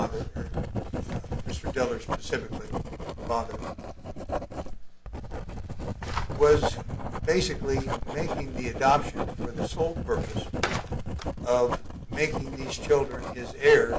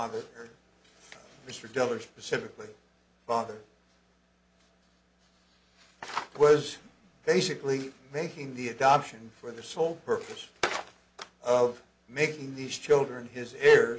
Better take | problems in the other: second | background sound (Writing); 3 dB below the speech

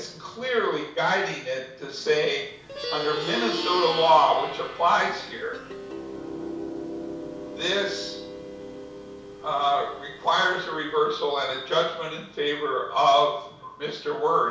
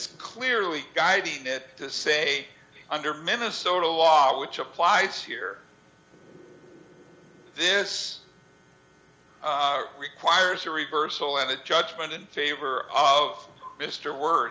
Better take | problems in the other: second | background sound (Plucked string instrument); 11 dB below the speech // room echo; dies away in 0.6 s

